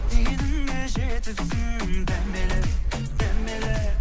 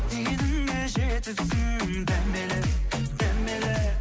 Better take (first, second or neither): second